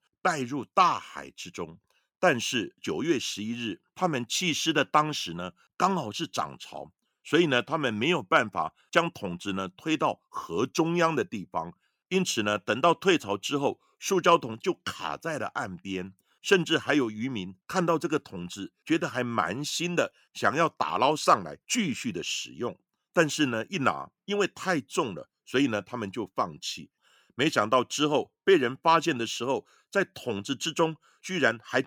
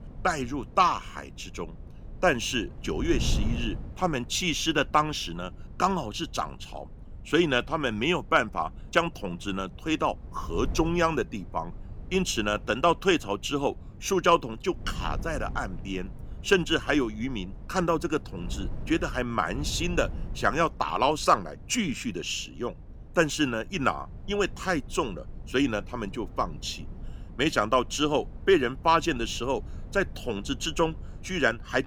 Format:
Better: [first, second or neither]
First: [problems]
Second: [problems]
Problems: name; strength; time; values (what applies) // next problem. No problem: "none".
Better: first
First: none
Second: wind noise on the microphone; occasional gusts; 25 dB below the speech